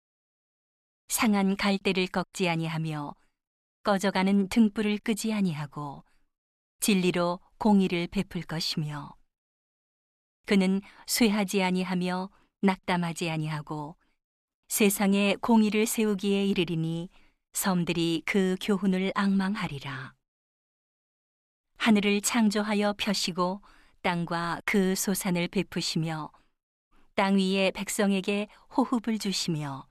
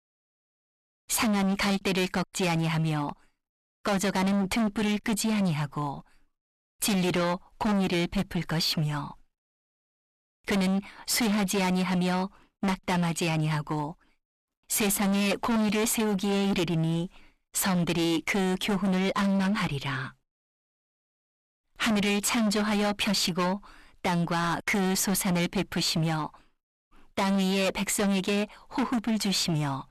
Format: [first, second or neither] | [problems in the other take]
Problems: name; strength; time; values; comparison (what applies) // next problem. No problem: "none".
first | distortion; heavy; 23% of the sound clipped